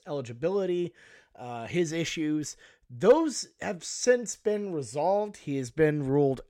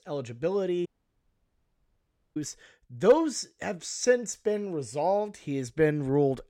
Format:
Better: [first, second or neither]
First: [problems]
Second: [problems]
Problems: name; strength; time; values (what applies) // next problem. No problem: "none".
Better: first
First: none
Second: audio cutting out; at 1 s for 1.5 s